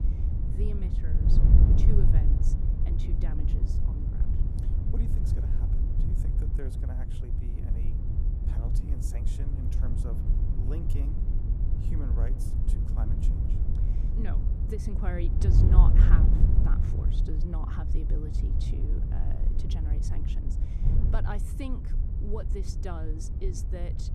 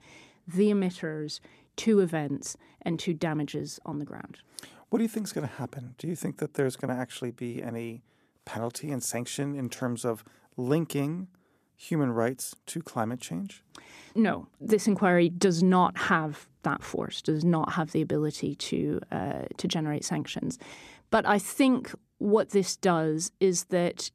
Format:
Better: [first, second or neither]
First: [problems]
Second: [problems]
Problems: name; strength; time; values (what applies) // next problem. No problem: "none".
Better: second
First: wind noise on the microphone; heavy; 1 dB above the speech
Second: none